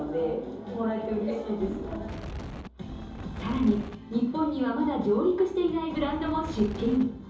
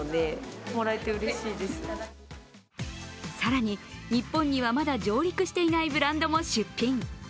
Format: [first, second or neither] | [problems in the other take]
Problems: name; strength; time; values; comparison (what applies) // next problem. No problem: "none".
second | background sound (Wind); 10 dB below the speech // room echo; dies away in 2.8 s